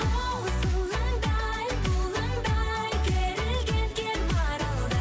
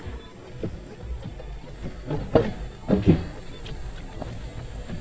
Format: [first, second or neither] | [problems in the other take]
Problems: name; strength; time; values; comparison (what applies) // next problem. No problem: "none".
first | noise reduction (neural mask model DeepFilterNet 3)